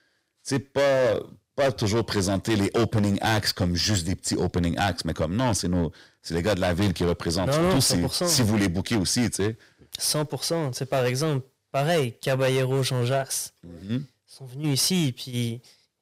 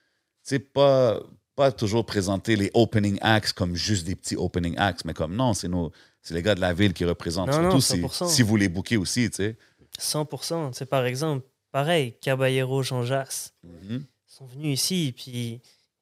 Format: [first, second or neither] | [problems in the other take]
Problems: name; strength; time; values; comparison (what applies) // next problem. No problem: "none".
second | distortion; heavy; 10% of the sound clipped